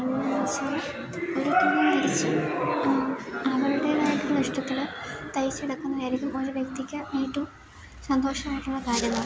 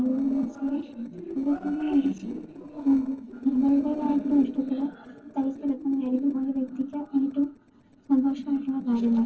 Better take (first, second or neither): first